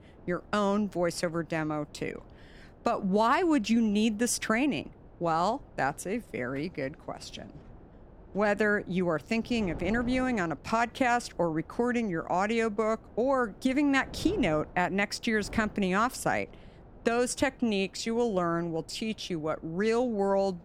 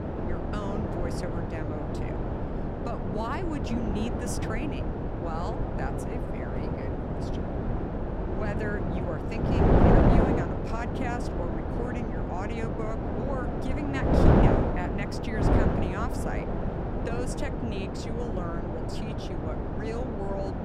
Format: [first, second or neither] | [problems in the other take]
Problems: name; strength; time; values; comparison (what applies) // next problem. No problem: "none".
first | wind noise on the microphone; heavy; 5 dB above the speech; occasional gusts in the first